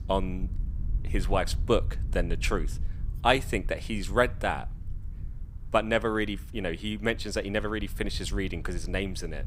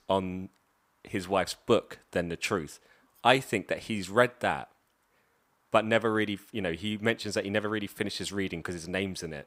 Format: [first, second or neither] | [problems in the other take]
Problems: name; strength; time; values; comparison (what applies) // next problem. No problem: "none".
second | low rumble; faint; throughout; 25 dB below the speech